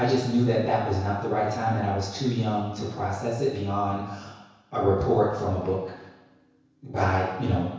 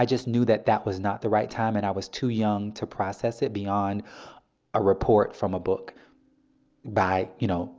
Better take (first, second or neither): second